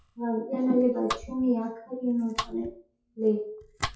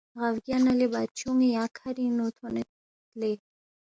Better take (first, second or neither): second